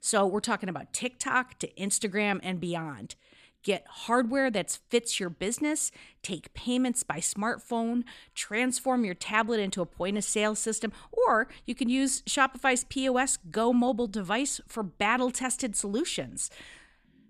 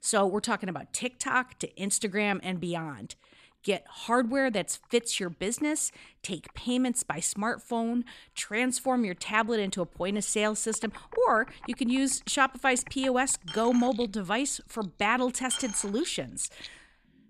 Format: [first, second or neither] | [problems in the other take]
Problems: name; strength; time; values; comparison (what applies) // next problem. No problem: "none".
first | household noises; noticeable; throughout; 15 dB below the speech